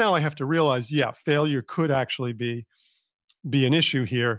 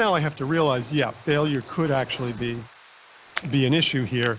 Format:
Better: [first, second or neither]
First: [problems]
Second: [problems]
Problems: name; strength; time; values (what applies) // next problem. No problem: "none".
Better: first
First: none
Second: noise reduction (neural mask model Resemble Enhance denoiser)